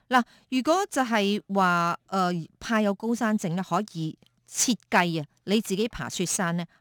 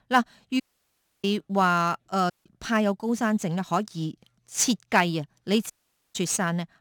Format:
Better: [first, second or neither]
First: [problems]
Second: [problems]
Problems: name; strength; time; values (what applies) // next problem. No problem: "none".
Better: first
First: none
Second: audio cutting out; at 0.5 s for 0.5 s, at 2.5 s and at 5.5 s